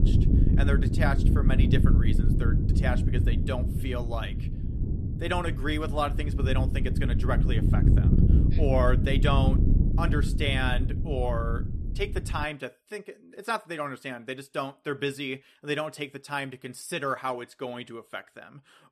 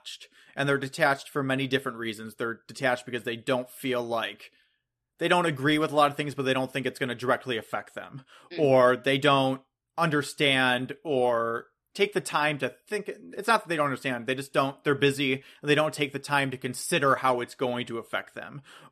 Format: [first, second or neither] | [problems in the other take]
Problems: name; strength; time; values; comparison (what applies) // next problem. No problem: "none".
second | wind noise on the microphone; heavy; until 12 s; 6 dB below the speech